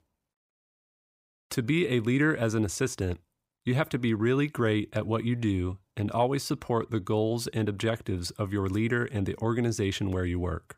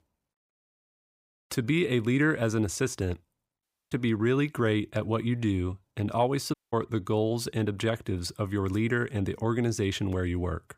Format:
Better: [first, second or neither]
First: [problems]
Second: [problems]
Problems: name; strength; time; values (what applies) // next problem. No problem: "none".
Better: first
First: none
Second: audio cutting out; at 3.5 s and at 6.5 s